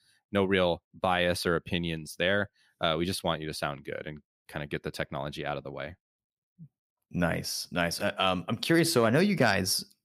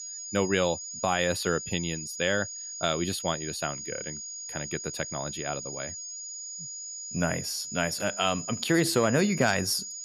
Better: first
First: none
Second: high-pitched whine; loud; throughout; 6.5 kHz, 7 dB below the speech

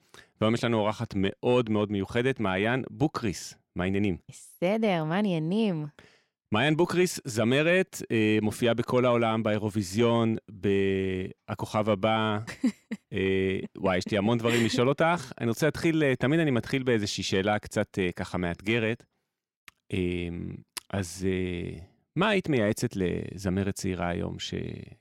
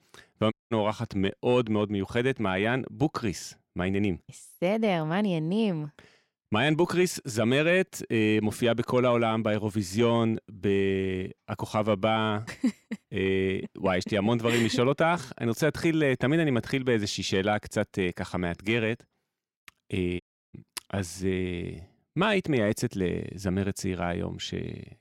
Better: first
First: none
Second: audio cutting out; at 0.5 s and at 20 s

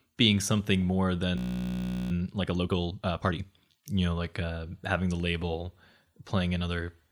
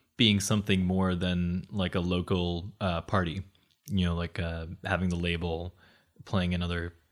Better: second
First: audio freezing; at 1.5 s for 0.5 s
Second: none

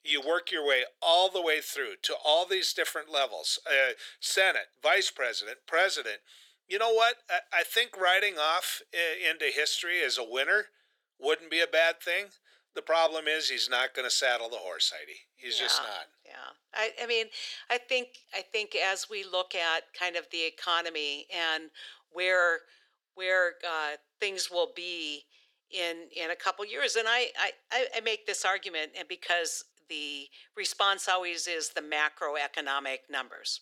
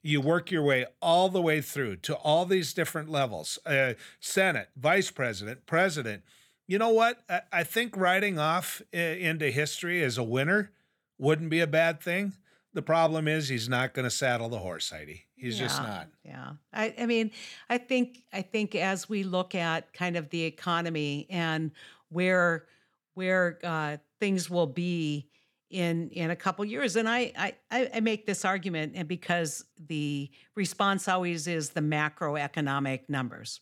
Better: second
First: thin; very; fading below 400 Hz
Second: none

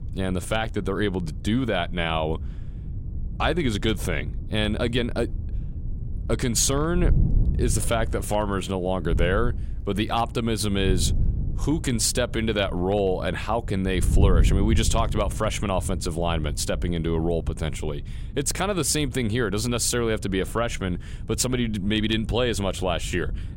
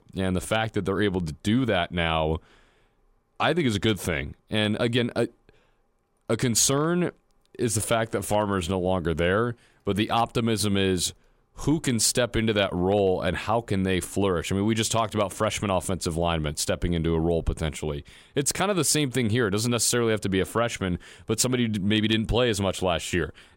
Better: second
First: wind noise on the microphone; occasional gusts; 20 dB below the speech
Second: none

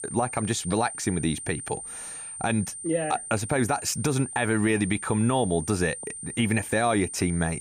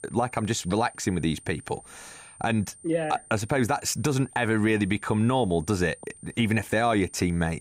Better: second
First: high-pitched whine; loud; throughout; 9 kHz, 9 dB below the speech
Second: high-pitched whine; faint; throughout; 9 kHz, 20 dB below the speech

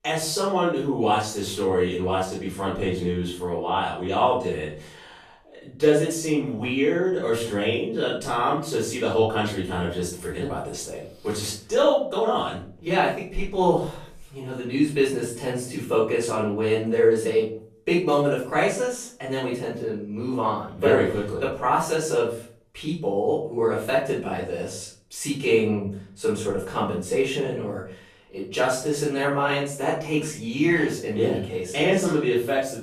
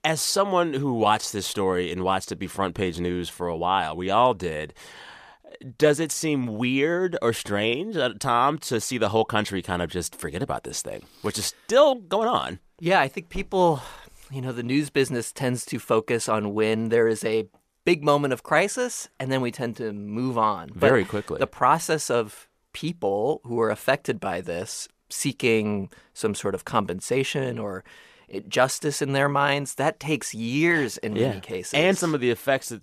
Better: second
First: off-mic speech; far // room echo; noticeable; dies away in 0.4 s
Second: none

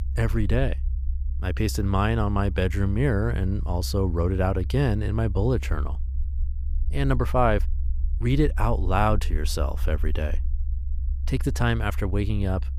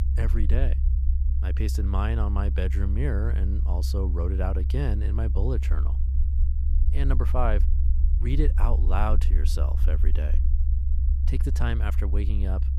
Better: first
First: low rumble; faint; throughout; 20 dB below the speech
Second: low rumble; loud; throughout; 9 dB below the speech

